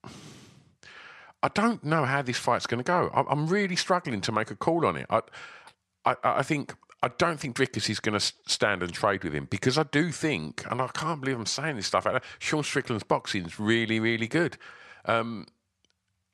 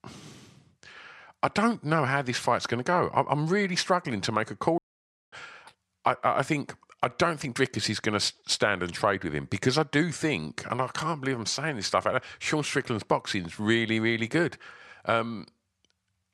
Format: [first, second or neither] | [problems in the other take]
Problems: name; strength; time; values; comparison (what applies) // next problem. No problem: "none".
first | audio cutting out; at 5 s for 0.5 s